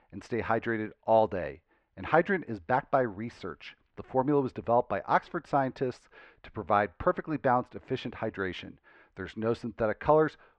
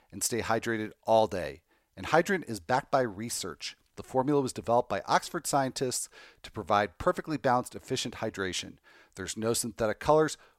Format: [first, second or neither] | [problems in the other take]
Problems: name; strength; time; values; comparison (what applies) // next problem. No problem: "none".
second | muffled; very; fading above 2.5 kHz